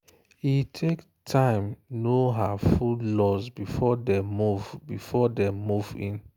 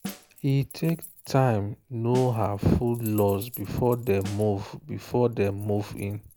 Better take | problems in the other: first | background sound (Keys jangling + Snare drum); 18 dB below the speech

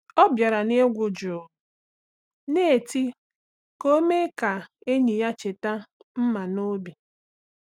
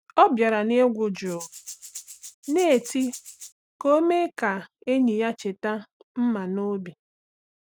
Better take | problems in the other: first | background sound (Rattle (instrument)); 17 dB below the speech

